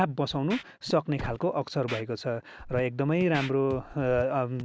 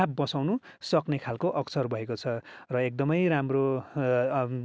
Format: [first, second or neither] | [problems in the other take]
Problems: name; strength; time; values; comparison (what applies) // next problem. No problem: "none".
second | background sound (Scratching (performance technique)); 14 dB below the speech